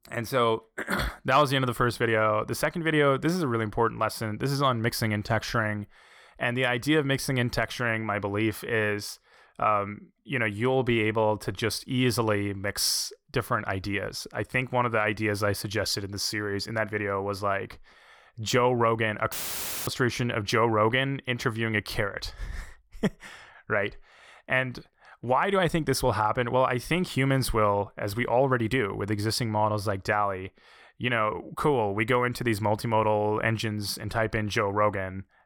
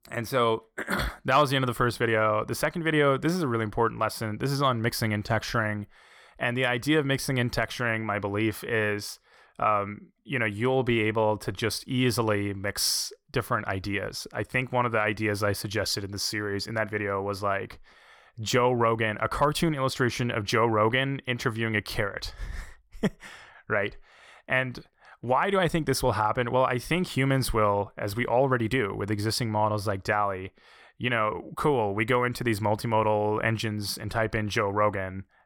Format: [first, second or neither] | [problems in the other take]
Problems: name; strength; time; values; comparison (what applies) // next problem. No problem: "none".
second | audio cutting out; filled with static; at 19 s for 0.5 s